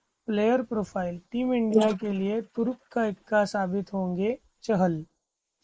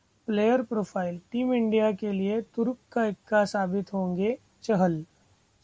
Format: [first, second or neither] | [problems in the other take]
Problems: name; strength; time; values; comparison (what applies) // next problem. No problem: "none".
second | noise reduction (neural mask model Resemble Enhance denoiser)